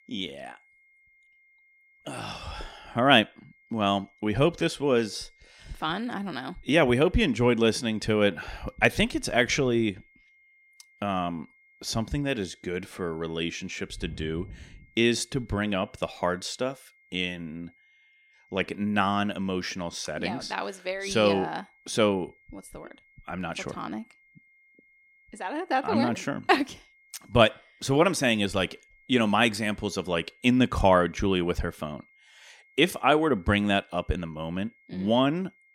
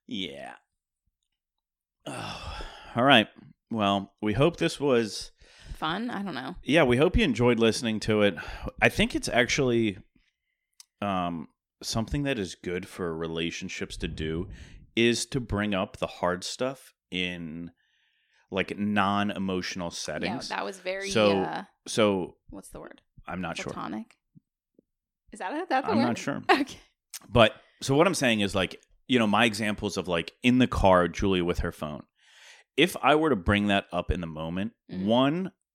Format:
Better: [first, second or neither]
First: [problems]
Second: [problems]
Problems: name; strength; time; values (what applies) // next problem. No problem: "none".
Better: second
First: high-pitched whine; faint; throughout; 2 kHz, 30 dB below the speech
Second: none